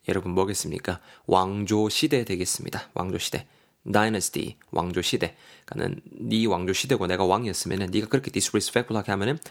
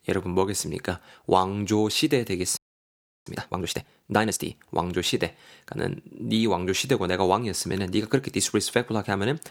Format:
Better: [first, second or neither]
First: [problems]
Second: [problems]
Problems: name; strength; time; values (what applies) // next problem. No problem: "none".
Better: first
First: none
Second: audio freezing; at 2.5 s for 0.5 s